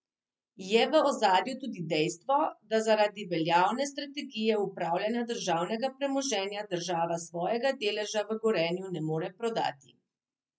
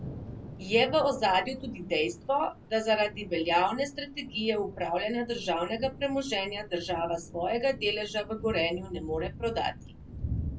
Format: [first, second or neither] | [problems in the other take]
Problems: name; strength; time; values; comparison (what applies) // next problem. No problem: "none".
first | background sound (Thunder / Rain); 12 dB below the speech // room echo; dies away in 0.2 s